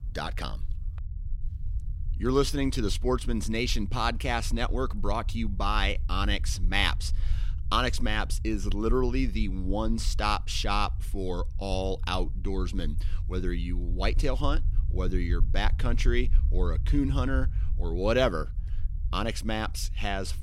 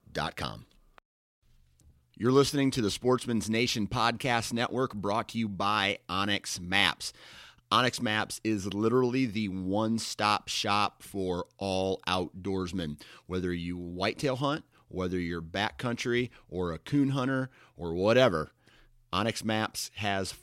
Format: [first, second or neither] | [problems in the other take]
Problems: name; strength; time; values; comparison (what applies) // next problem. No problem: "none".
second | low rumble; faint; throughout; 20 dB below the speech